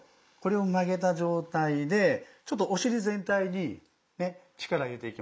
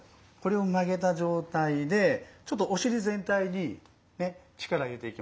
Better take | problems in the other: second | noise reduction (neural mask model Resemble Enhance denoiser)

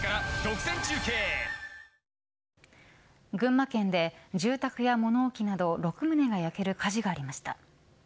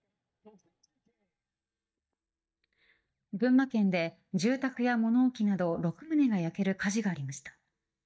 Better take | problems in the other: first | noise reduction (neural mask model DeepFilterNet 3)

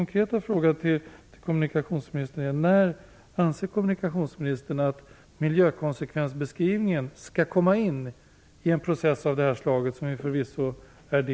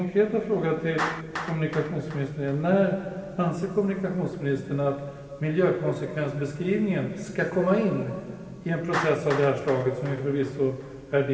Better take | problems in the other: first | background sound (Clapping); 14 dB below the speech // room echo; dies away in 2.3 s

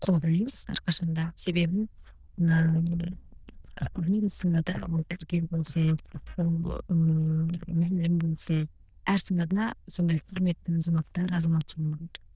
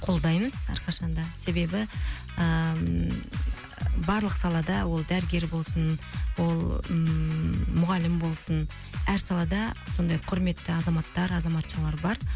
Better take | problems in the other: second | noise reduction (neural diffusion model UNIVERSE++)

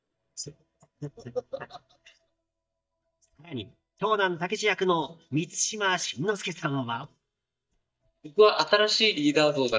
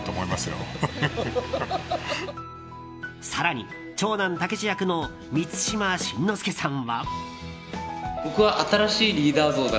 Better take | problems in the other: second | noise reduction (neural mask model DeepFilterNet 3)

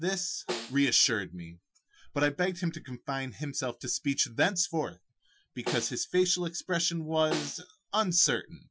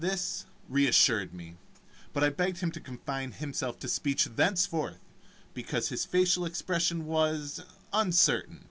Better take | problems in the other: second | noise reduction (classical method Wiener filter)

